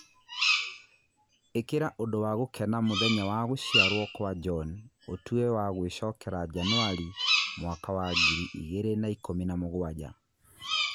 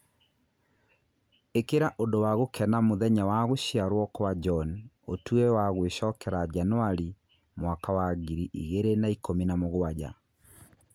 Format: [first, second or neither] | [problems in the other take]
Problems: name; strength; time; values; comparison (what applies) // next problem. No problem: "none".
second | background sound (Bird vocalization, bird call, bird song); 2 dB below the speech